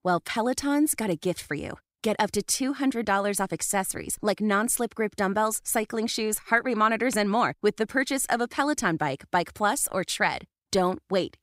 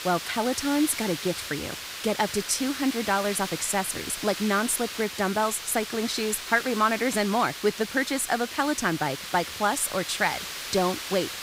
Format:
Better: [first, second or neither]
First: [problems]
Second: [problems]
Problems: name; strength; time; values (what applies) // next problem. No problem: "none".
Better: first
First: none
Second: hiss; loud; throughout; 7 dB below the speech